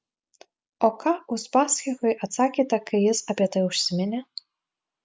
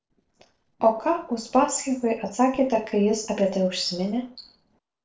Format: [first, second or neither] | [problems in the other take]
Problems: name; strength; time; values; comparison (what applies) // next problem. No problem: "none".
first | noise reduction (neural separator model SepFormer DNS4)